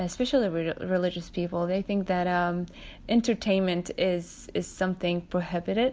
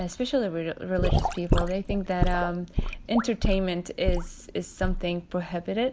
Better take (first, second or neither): first